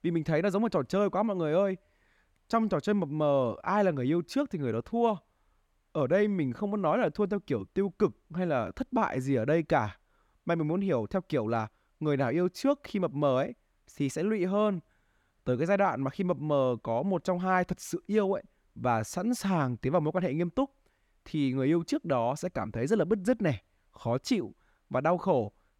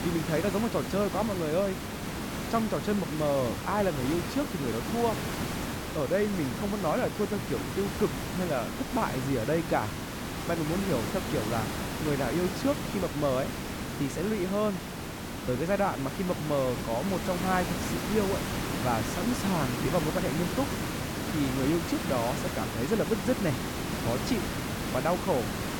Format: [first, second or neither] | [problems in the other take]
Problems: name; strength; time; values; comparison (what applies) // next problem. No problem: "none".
first | hiss; loud; throughout; 3 dB below the speech